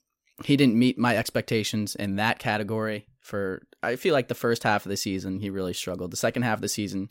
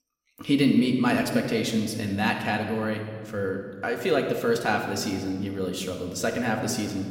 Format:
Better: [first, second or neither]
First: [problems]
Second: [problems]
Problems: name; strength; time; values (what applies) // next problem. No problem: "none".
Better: first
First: none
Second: room echo; slight; dies away in 1.5 s // off-mic speech; somewhat distant